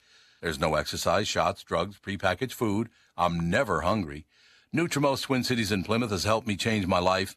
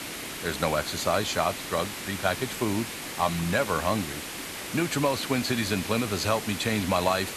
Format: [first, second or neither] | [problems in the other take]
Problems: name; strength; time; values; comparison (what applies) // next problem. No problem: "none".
first | hiss; loud; throughout; 6 dB below the speech